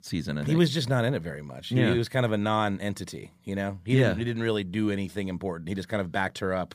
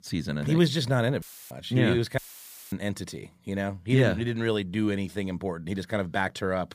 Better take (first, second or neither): first